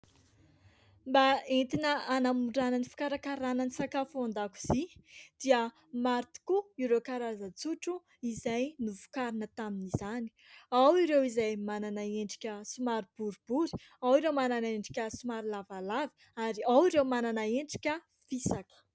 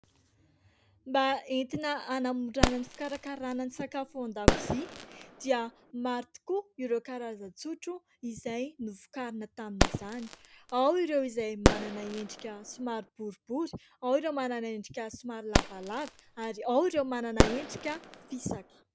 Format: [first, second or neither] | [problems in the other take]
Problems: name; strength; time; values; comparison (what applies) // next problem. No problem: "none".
first | background sound (Fireworks); 2 dB above the speech